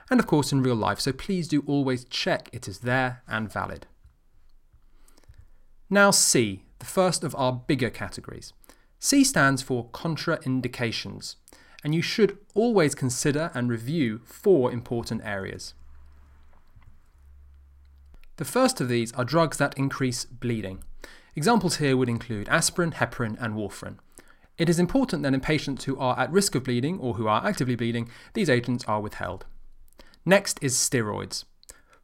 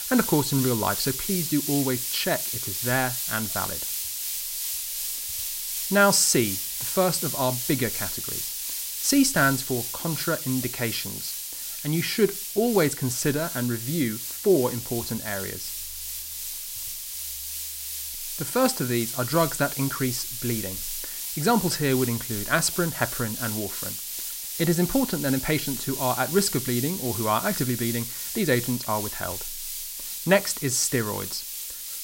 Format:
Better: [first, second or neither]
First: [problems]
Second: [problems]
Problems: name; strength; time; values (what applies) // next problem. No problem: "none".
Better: first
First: none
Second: hiss; loud; throughout; 4 dB below the speech